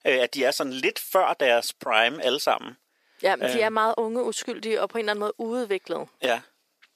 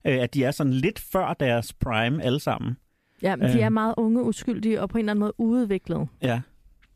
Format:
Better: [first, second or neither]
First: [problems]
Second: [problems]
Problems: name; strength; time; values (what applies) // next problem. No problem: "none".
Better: second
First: thin; very; fading below 450 Hz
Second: none